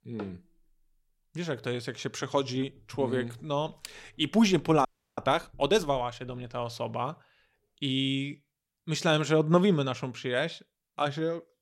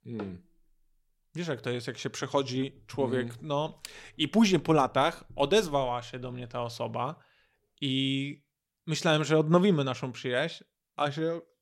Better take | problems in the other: second | audio freezing; at 5 s

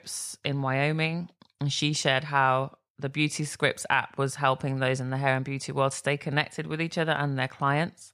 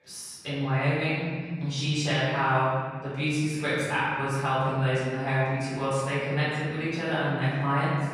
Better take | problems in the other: first | room echo; strong; dies away in 1.8 s // off-mic speech; far

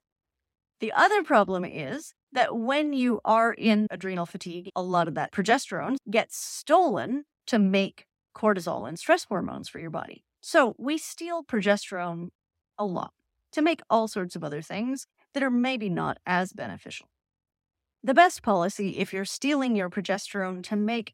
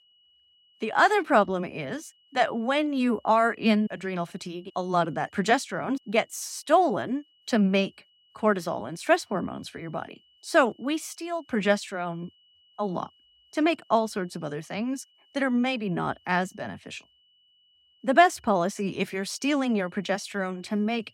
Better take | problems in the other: first | high-pitched whine; faint; throughout; 3 kHz, 35 dB below the speech

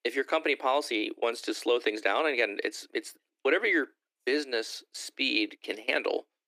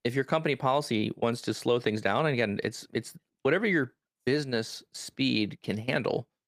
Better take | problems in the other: second | thin; somewhat; fading below 300 Hz

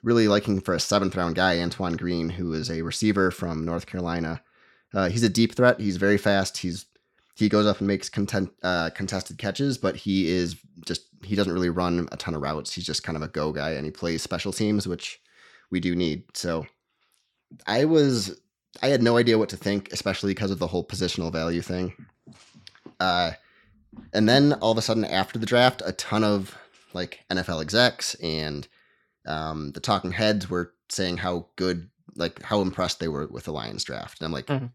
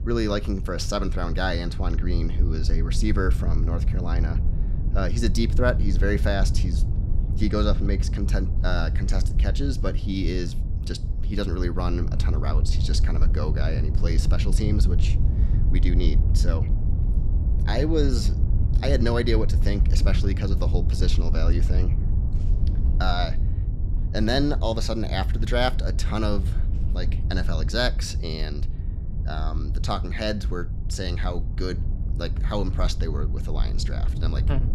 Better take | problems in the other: first | wind noise on the microphone; occasional gusts; 10 dB below the speech

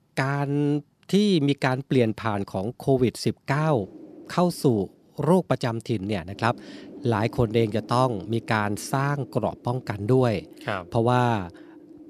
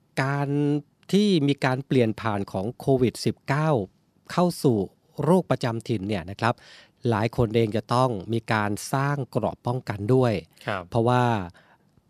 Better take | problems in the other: second | wind noise on the microphone; occasional gusts; from 3.5 s on; 20 dB below the speech

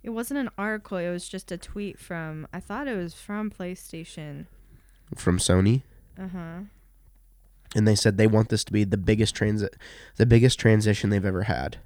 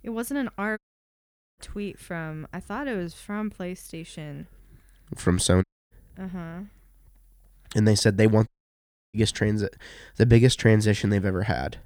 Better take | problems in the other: first | audio cutting out; at 1 s for 1 s, at 5.5 s and at 8.5 s for 0.5 s

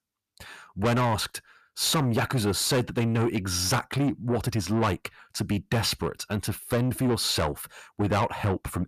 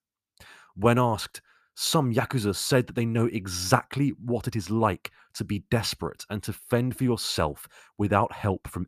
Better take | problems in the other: second | distortion; heavy; 7 dB below the speech

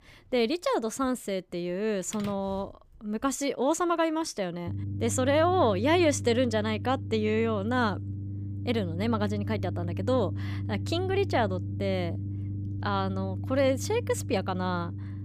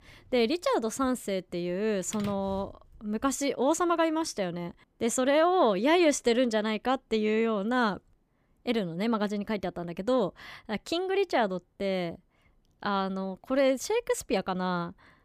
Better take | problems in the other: second | low rumble; noticeable; from 4.5 s on; 15 dB below the speech

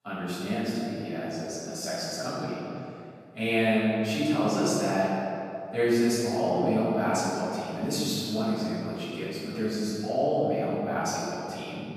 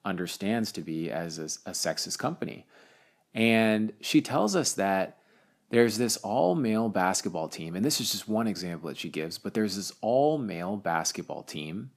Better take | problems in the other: second | off-mic speech; far // room echo; strong; dies away in 2.2 s

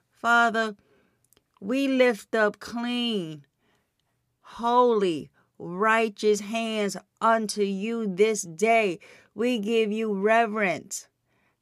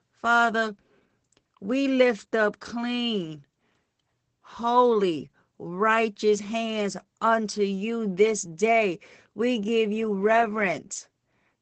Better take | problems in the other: first | garbled, watery; badly; nothing above 8 kHz

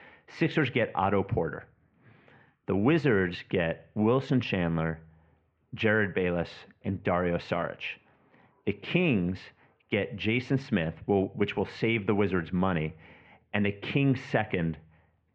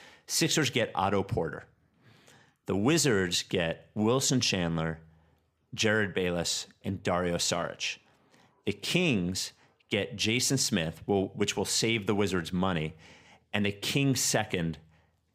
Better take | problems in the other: second | muffled; very; fading above 2.5 kHz

